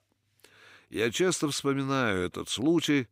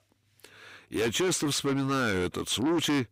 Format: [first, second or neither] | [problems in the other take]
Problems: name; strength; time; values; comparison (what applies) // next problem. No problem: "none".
first | distortion; heavy; 8 dB below the speech